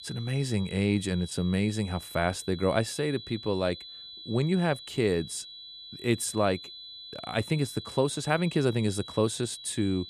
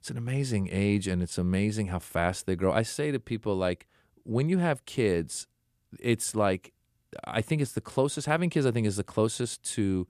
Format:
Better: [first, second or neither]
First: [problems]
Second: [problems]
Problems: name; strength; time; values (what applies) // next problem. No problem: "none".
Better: second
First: high-pitched whine; noticeable; throughout; 4 kHz, 15 dB below the speech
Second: none